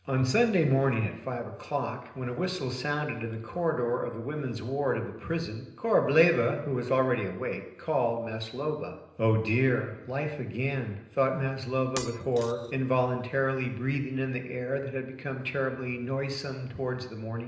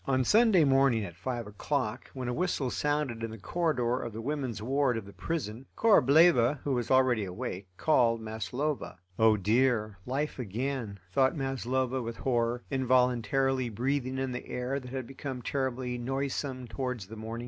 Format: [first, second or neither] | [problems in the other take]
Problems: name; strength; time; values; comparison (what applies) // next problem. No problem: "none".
second | background sound (Shatter); 15 dB below the speech // room echo; dies away in 0.9 s